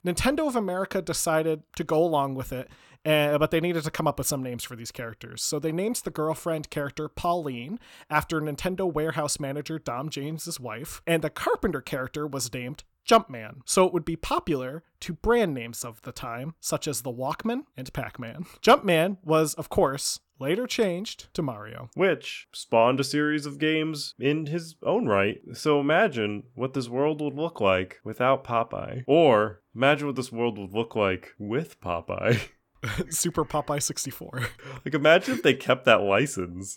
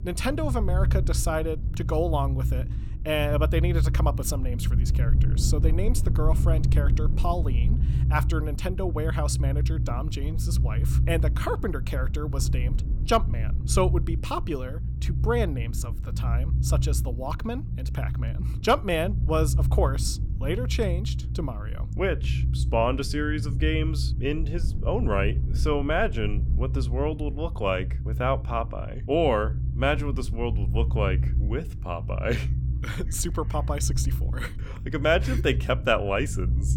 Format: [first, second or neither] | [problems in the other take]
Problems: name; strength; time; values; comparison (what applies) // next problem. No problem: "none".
first | low rumble; noticeable; throughout; 15 dB below the speech